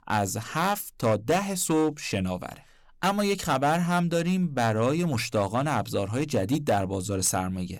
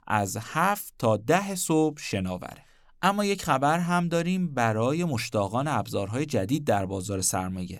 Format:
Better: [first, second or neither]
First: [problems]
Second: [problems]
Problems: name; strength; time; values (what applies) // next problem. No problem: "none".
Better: second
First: distortion; slight; 5% of the sound clipped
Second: none